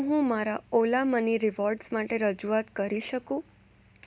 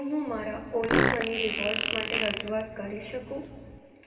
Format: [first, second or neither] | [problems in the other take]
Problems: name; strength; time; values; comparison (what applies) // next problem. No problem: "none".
first | background sound (Fart); 1 dB above the speech // room echo; dies away in 2.4 s